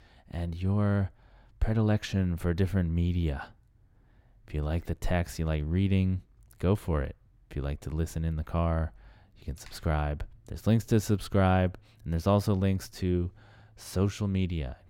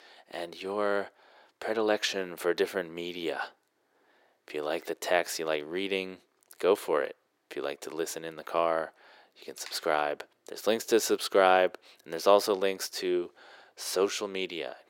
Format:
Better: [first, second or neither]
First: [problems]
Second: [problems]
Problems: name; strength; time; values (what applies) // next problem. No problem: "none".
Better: first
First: none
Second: thin; very; fading below 400 Hz